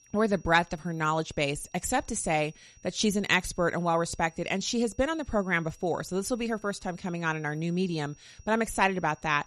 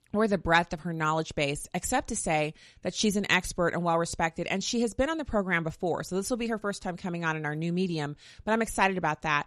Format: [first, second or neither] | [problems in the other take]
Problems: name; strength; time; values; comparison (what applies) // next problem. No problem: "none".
second | high-pitched whine; faint; throughout; 5.5 kHz, 30 dB below the speech